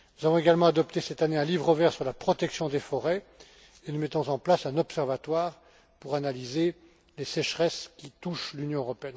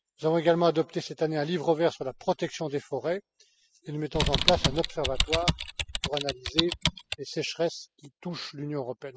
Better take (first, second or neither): first